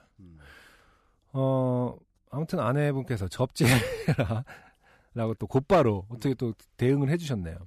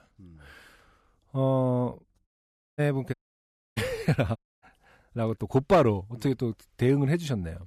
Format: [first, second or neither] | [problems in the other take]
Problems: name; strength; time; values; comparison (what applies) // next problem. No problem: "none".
first | audio cutting out; at 2.5 s for 0.5 s, at 3 s for 0.5 s and at 4.5 s